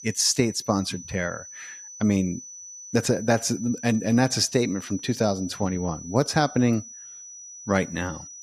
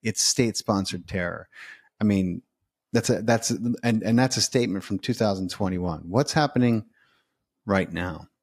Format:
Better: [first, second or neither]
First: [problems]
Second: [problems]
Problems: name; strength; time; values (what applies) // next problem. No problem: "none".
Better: second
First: high-pitched whine; noticeable; throughout; 6 kHz, 15 dB below the speech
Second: none